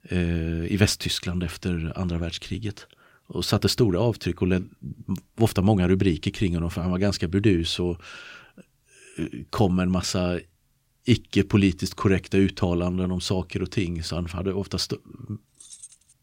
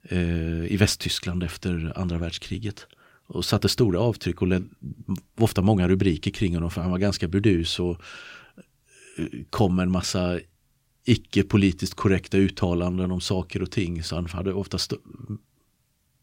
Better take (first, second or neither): second